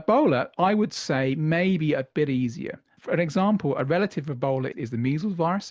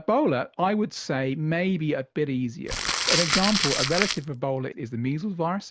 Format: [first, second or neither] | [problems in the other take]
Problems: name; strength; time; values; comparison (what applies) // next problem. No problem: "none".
first | background sound (Crumpling, crinkling); as loud as the speech